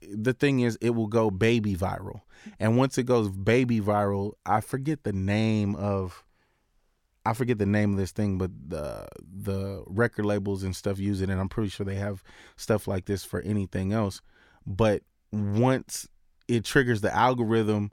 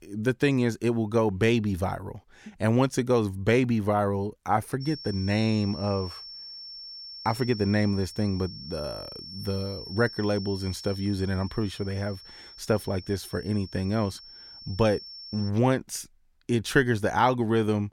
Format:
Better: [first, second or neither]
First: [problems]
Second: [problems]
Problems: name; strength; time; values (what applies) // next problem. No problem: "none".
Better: first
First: none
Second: high-pitched whine; noticeable; from 5 to 15 s; 5.5 kHz, 15 dB below the speech